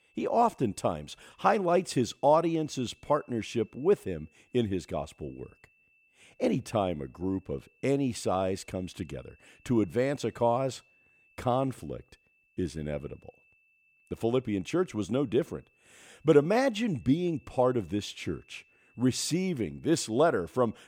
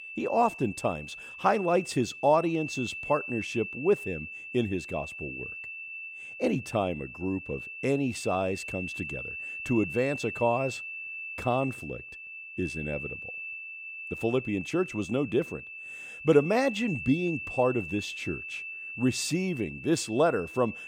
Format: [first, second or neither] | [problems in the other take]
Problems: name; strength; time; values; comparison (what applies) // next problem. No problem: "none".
first | high-pitched whine; loud; throughout; 2.5 kHz, 9 dB below the speech; faint in the first